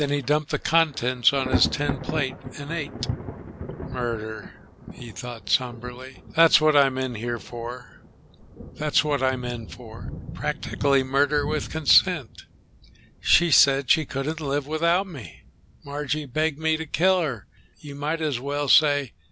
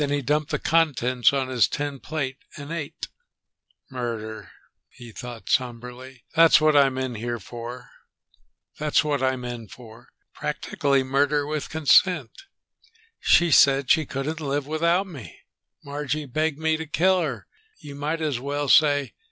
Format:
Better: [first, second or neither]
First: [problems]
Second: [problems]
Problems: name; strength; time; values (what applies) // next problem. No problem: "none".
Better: second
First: background sound (Thunder); 11 dB below the speech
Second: none